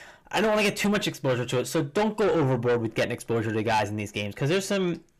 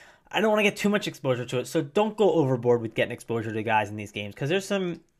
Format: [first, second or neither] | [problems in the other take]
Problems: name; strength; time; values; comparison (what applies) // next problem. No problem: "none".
second | distortion; heavy; 8 dB below the speech